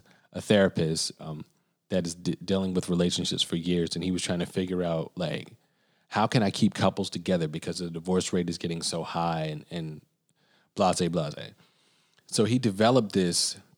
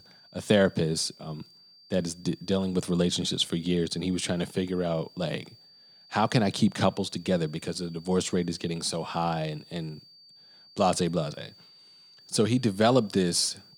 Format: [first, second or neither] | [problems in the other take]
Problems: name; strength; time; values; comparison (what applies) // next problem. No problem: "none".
first | high-pitched whine; faint; throughout; 4.5 kHz, 25 dB below the speech